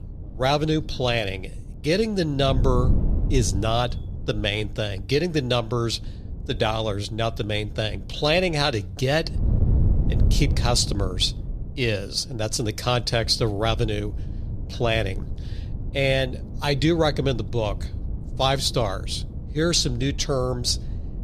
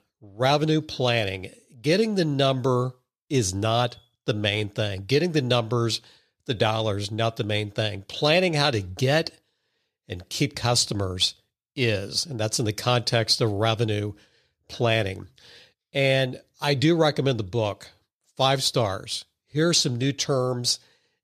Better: second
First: wind noise on the microphone; occasional gusts; 20 dB below the speech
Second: none

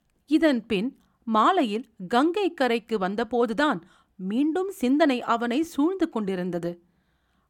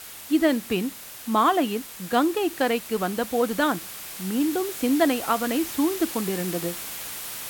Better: first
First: none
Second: hiss; loud; throughout; 9 dB below the speech

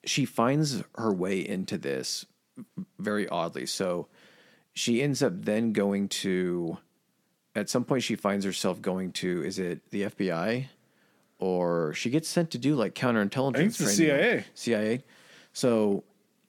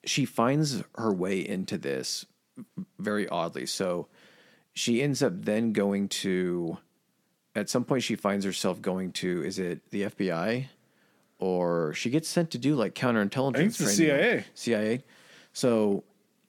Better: neither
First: none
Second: none

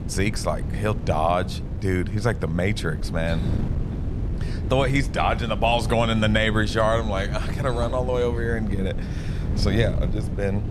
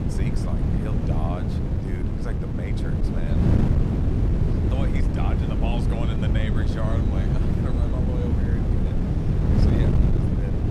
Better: first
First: wind noise on the microphone; occasional gusts; 15 dB below the speech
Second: wind noise on the microphone; heavy; 5 dB above the speech

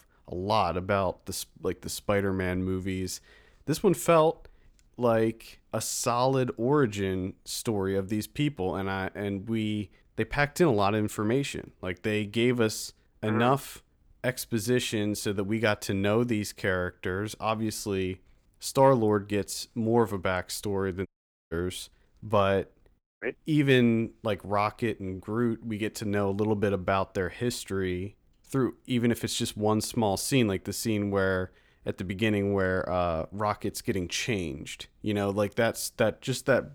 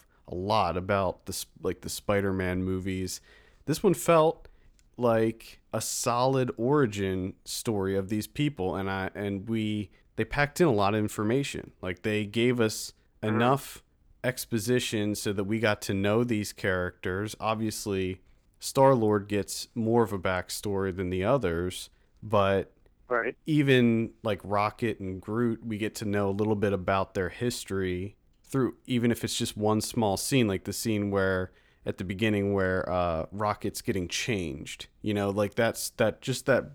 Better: second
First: audio cutting out; at 21 s and at 23 s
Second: none

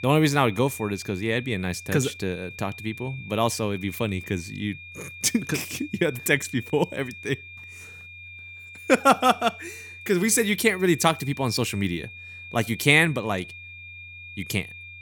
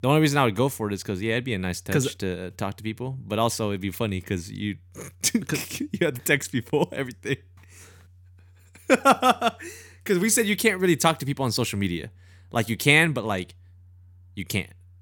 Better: second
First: high-pitched whine; noticeable; throughout; 2.5 kHz, 15 dB below the speech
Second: none

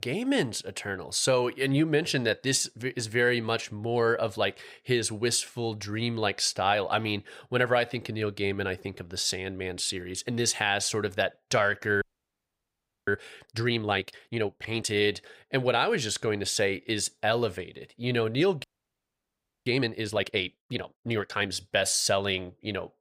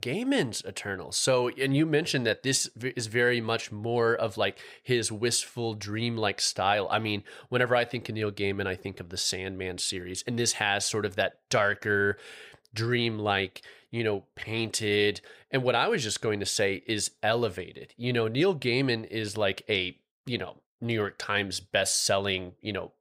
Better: second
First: audio freezing; at 12 s for 1 s and at 19 s for 1 s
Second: none

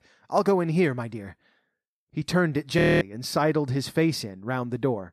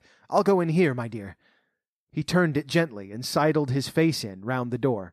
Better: second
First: audio freezing; at 3 s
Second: none

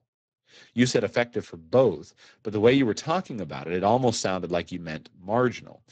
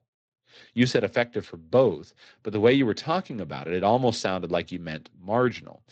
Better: second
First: garbled, watery; badly; nothing above 7.5 kHz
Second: garbled, watery; slightly; nothing above 8 kHz

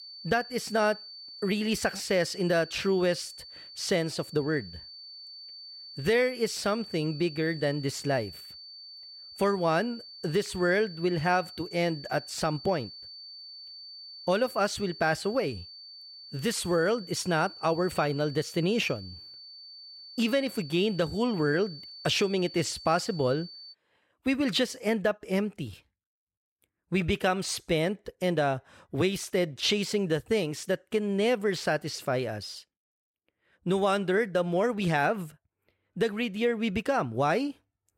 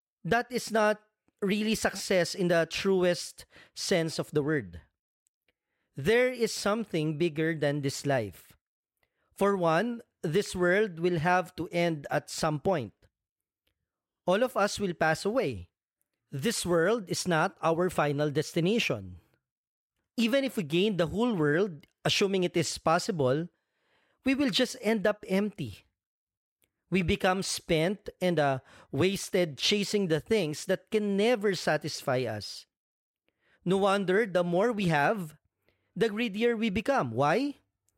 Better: second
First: high-pitched whine; noticeable; until 24 s; 4.5 kHz, 15 dB below the speech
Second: none

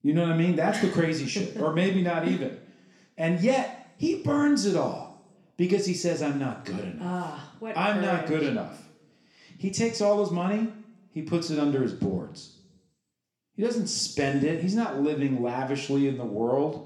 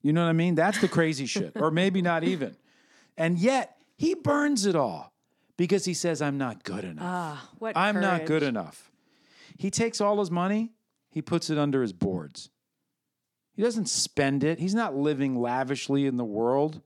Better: second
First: room echo; slight; dies away in 0.7 s // off-mic speech; somewhat distant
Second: none

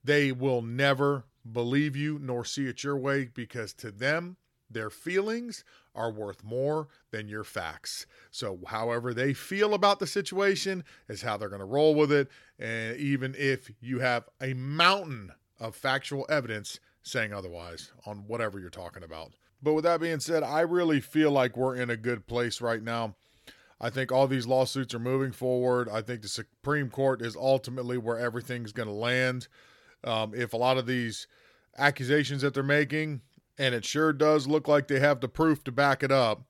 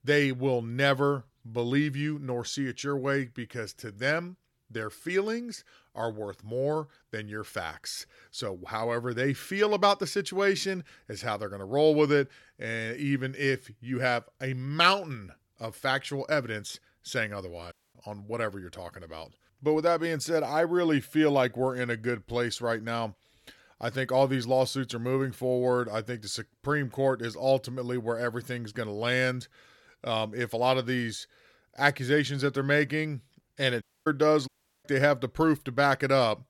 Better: first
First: none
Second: audio cutting out; at 18 s and at 34 s

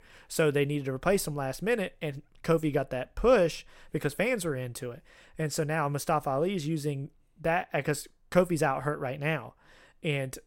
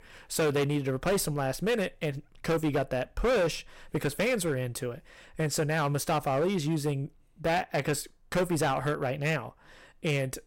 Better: first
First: none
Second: distortion; heavy; 11% of the sound clipped

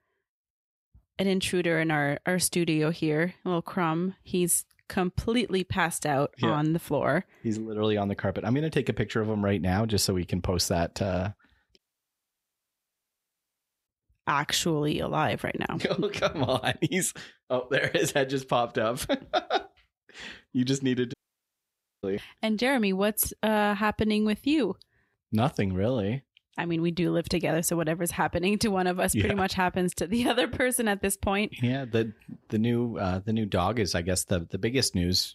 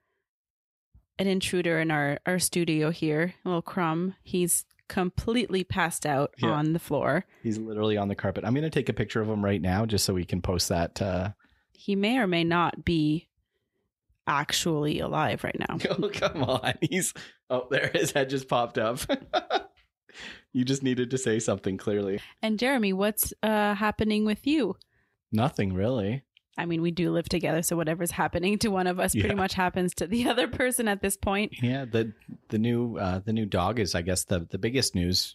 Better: second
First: audio cutting out; at 12 s for 2 s and at 21 s for 1 s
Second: none

